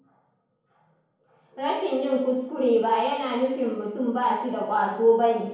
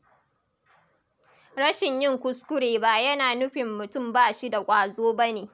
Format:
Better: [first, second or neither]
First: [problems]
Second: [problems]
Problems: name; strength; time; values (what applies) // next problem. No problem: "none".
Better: second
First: room echo; dies away in 0.9 s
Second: none